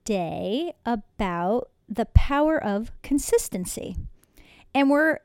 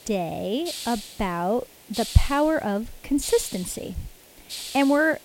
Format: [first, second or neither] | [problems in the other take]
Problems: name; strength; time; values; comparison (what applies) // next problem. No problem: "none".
first | hiss; noticeable; throughout; 10 dB below the speech